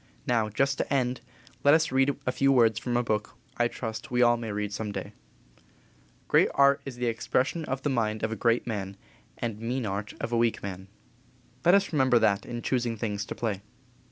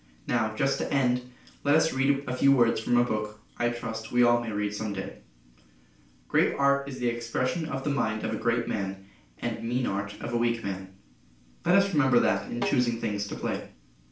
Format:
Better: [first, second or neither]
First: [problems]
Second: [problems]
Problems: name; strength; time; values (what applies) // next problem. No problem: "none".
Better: first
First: none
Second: background sound (Snare drum); 12 dB below the speech // room echo; dies away in 0.4 s